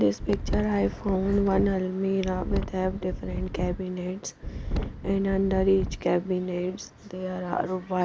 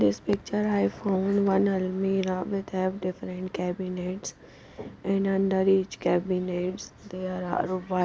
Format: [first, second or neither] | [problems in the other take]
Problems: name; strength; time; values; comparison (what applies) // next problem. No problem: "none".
second | background sound (Wind); 5 dB below the speech